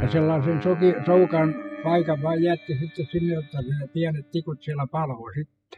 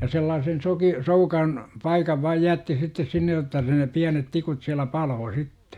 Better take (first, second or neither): second